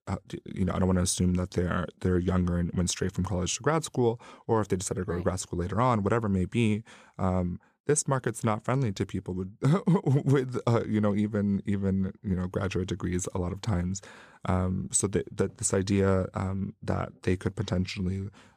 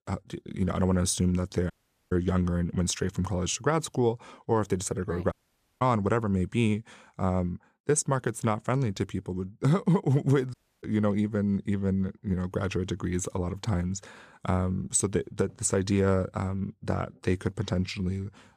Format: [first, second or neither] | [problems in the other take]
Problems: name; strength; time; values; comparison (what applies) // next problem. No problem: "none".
first | audio cutting out; at 1.5 s, at 5.5 s and at 11 s